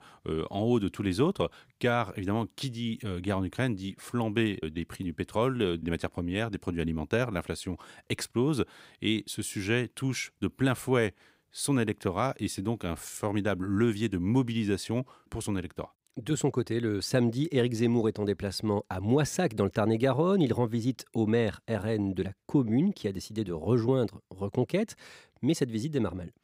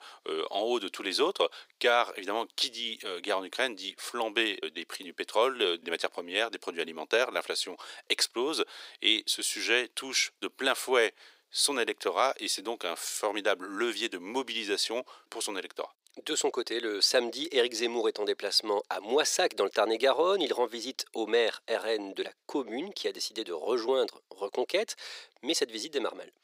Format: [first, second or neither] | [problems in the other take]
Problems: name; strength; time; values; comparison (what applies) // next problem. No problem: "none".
first | thin; very; fading below 400 Hz